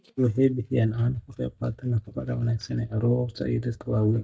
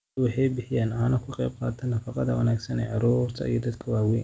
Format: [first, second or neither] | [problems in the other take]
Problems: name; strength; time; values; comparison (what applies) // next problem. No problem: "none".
second | noise reduction (neural mask model DeepFilterNet 3)